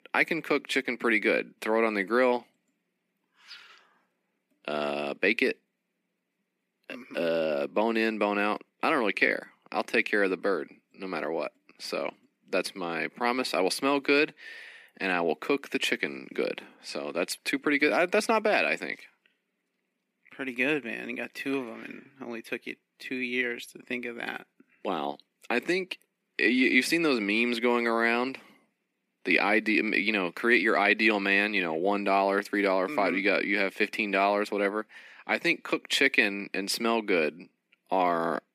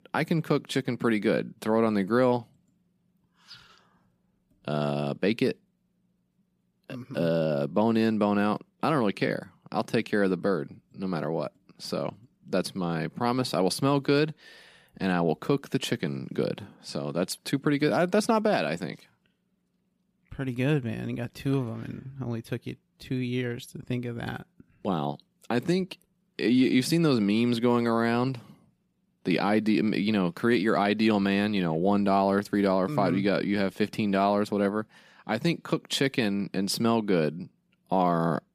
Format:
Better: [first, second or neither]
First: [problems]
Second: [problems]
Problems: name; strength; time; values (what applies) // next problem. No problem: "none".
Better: second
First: thin; very slightly; fading below 250 Hz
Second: none